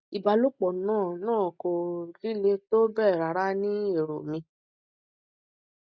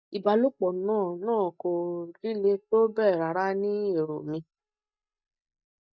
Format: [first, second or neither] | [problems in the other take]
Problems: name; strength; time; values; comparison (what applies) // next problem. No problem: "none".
first | noise reduction (neural mask model DeepFilterNet 3)